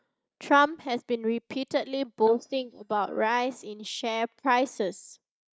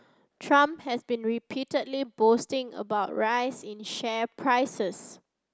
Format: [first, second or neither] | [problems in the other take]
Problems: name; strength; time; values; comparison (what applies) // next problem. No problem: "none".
second | noise reduction (neural mask model DeepFilterNet 3)